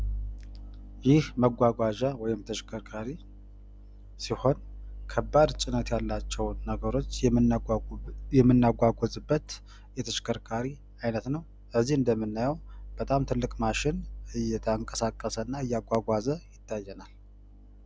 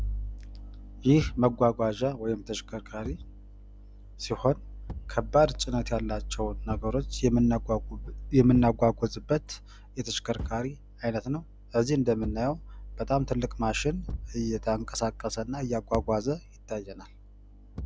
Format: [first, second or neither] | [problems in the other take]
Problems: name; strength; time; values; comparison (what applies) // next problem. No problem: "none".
first | background sound (Thump, thud); 16 dB below the speech